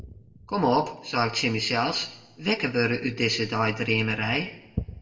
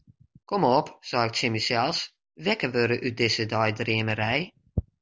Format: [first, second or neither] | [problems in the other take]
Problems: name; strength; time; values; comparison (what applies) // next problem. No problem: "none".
second | room echo; dies away in 0.7 s